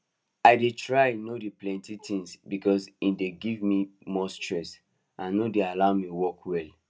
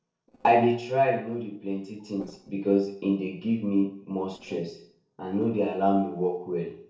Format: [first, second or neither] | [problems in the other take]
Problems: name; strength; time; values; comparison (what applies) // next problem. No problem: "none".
first | noise reduction (neural separator model SepFormer DNS4)